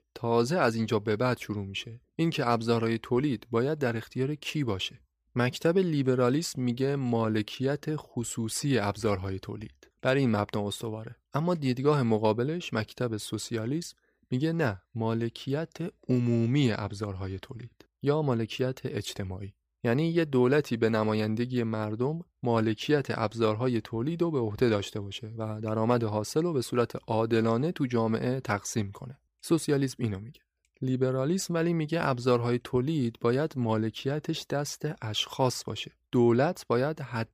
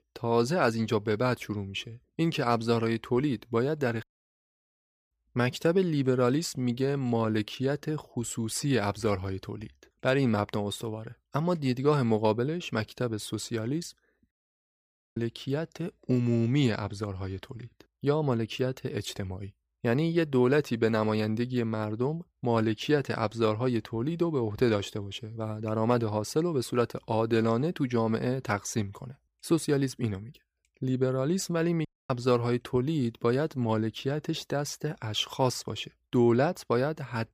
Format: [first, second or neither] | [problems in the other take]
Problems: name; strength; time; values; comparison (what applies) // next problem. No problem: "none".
first | audio cutting out; at 4 s for 1 s, at 14 s for 1 s and at 32 s